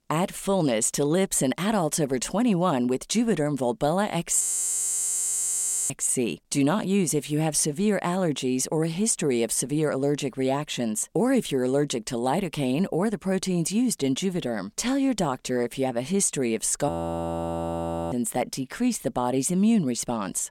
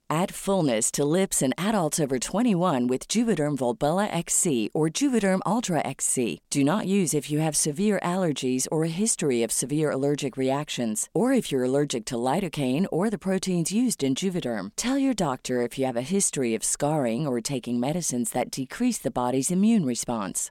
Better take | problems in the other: second | audio freezing; at 4.5 s for 1.5 s and at 17 s for 1 s

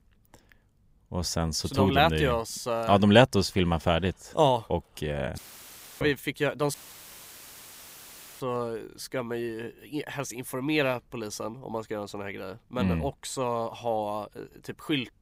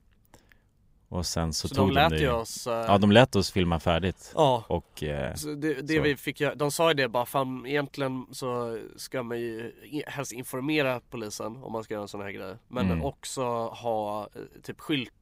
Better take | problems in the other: second | audio cutting out; filled with static; at 5.5 s for 0.5 s and at 6.5 s for 1.5 s

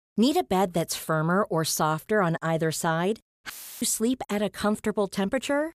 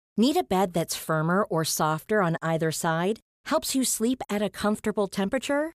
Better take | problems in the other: second | audio cutting out; filled with static; at 3.5 s

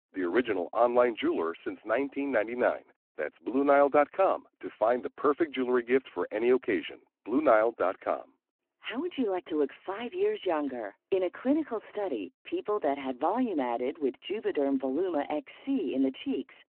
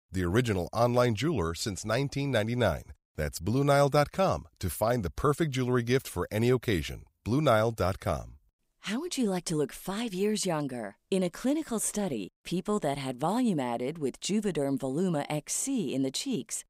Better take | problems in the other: second | phone-call audio

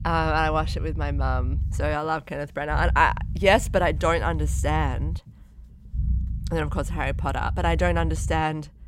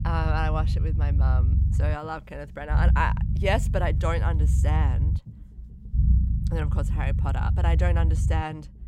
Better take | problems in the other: first | low rumble; loud; throughout; 10 dB below the speech; faint in the first

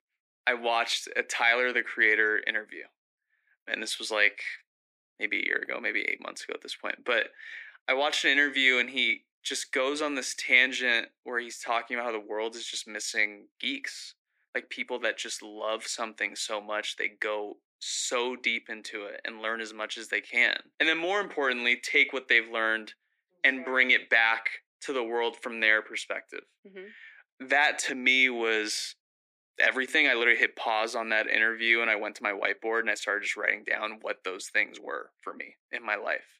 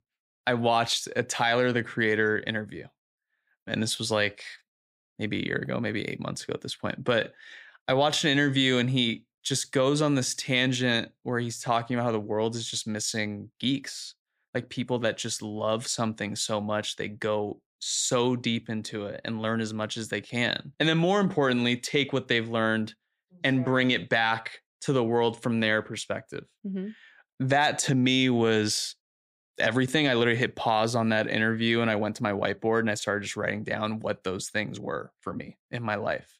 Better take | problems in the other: second | thin; somewhat; fading below 300 Hz

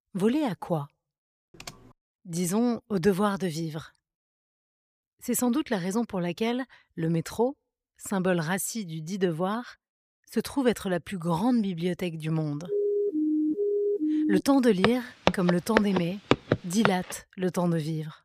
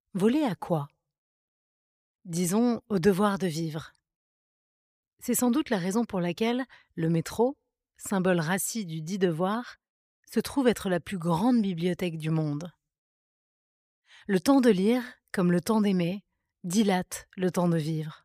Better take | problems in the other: second | keyboard typing; faint; at 1.5 s; peak 15 dB below the speech // siren; loud; from 13 to 14 s; peak 2 dB above the speech // footsteps; loud; from 15 to 17 s; peak 2 dB above the speech

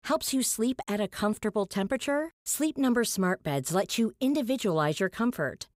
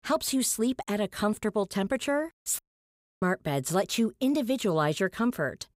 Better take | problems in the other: first | audio cutting out; at 2.5 s for 0.5 s

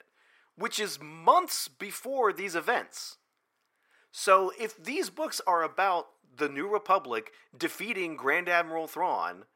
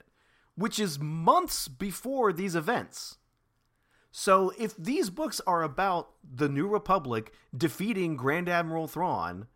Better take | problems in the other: second | thin; somewhat; fading below 450 Hz

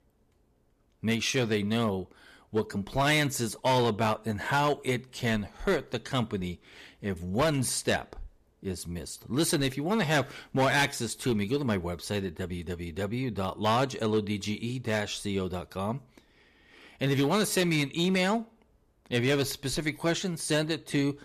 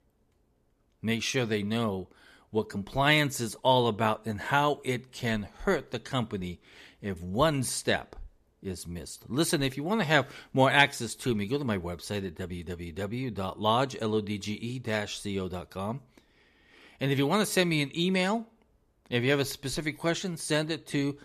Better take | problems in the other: second | distortion; slight; 4% of the sound clipped

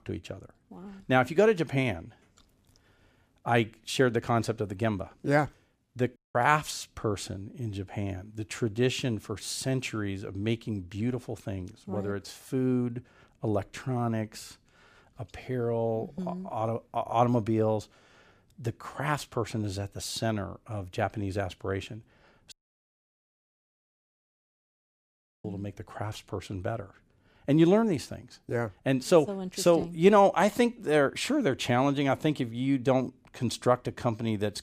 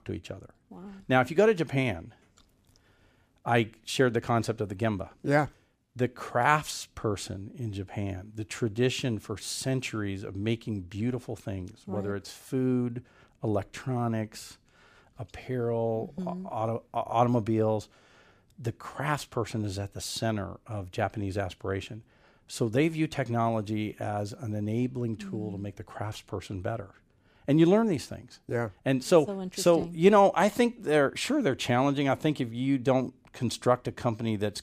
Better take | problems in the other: second | audio cutting out; at 6 s and at 23 s for 3 s

